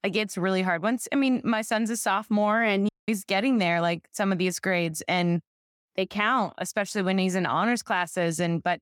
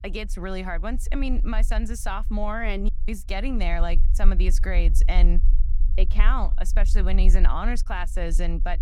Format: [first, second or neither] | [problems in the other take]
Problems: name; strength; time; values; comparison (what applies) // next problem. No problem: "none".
first | low rumble; noticeable; throughout; 20 dB below the speech